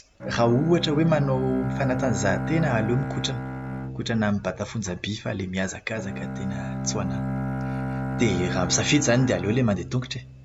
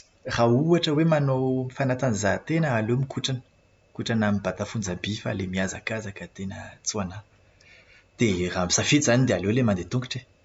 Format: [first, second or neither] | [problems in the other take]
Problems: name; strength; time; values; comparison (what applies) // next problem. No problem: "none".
second | background sound (Bowed string instrument); 5 dB below the speech